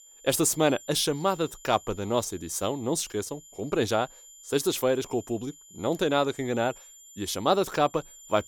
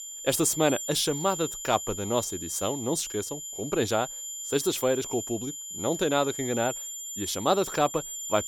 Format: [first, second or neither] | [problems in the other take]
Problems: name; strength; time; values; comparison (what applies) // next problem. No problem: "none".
first | high-pitched whine; loud; throughout; 7 kHz, 6 dB below the speech; faint in the first